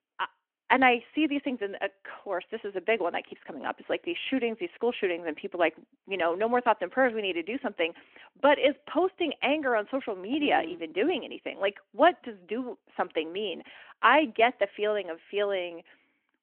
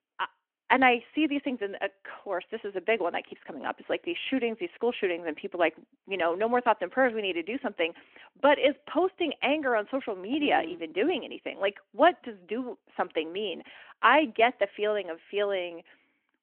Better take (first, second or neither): neither